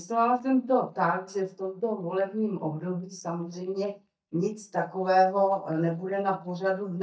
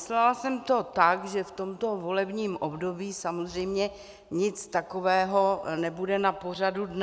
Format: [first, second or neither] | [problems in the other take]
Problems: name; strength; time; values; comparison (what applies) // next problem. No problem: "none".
second | noise reduction (neural mask model DeepFilterNet 3)